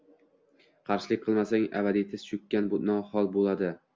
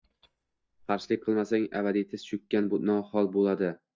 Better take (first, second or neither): first